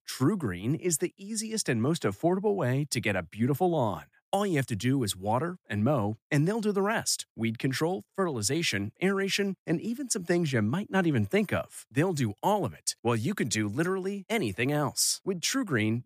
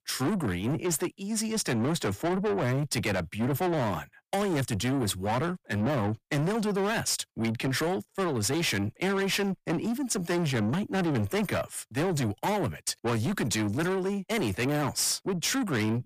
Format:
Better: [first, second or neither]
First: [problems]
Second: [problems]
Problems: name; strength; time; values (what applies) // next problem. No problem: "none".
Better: first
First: none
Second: distortion; heavy; 7 dB below the speech